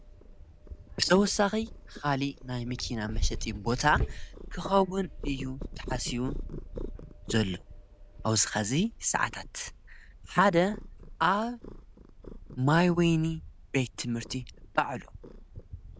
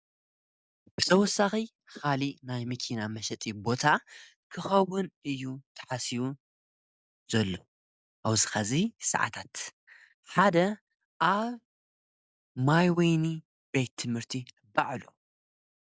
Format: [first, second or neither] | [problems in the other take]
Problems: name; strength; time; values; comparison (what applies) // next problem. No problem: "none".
second | background sound (Purr); 9 dB below the speech